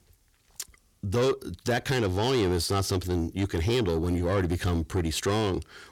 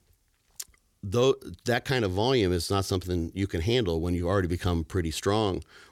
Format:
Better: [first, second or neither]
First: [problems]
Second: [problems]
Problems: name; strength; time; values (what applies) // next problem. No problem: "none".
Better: second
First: distortion; slight; 10 dB below the speech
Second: none